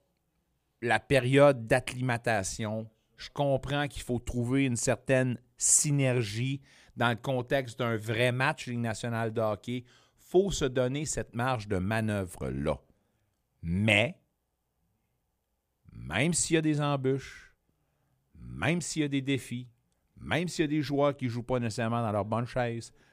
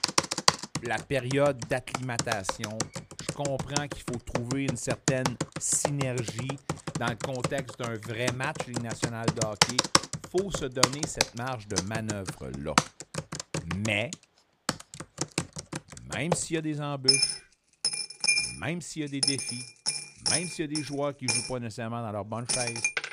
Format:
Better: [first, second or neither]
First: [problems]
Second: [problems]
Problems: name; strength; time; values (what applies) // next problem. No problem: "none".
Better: first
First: none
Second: household noises; very loud; throughout; 3 dB above the speech